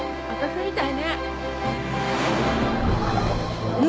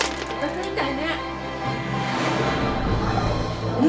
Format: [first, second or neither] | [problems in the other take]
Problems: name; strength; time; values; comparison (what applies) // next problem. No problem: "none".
first | background sound (Coin (dropping)); 15 dB below the speech // room echo; dies away in 0.4 s